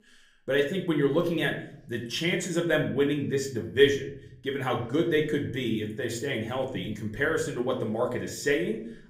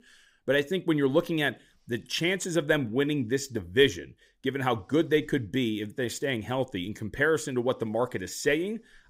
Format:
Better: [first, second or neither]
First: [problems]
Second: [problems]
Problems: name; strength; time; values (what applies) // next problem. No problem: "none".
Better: second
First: room echo; slight; dies away in 0.5 s // off-mic speech; somewhat distant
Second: none